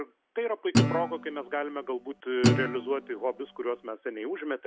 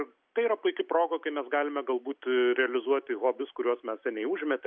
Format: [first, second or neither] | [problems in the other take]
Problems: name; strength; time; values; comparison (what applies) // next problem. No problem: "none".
second | background sound (Guitar); 2 dB above the speech